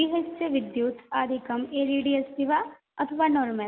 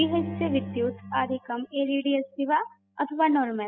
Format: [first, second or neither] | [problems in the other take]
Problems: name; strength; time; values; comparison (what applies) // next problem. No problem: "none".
first | noise reduction (classical method spectral subtraction)